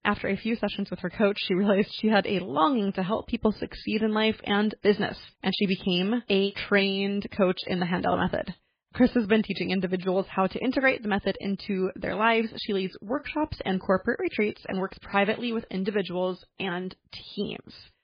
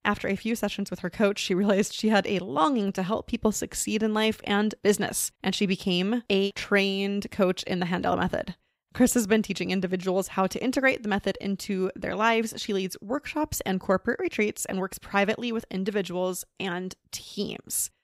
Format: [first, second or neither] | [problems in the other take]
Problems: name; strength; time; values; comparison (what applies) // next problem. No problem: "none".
second | garbled, watery; badly; nothing above 4 kHz